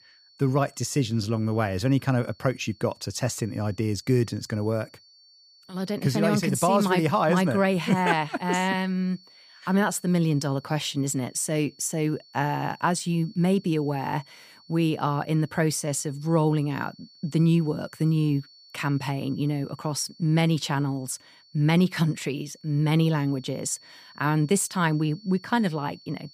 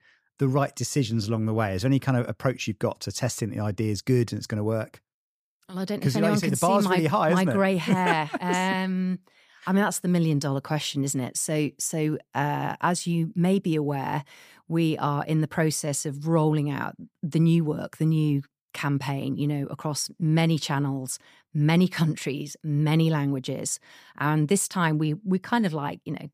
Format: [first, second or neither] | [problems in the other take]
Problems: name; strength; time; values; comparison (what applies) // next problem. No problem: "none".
second | high-pitched whine; faint; throughout; 4.5 kHz, 25 dB below the speech